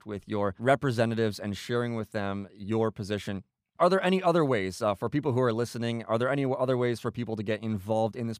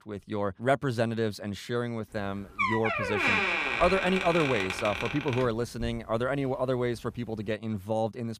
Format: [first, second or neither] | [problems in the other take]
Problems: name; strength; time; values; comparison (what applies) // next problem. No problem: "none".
first | door banging; loud; from 2.5 to 6 s; peak 6 dB above the speech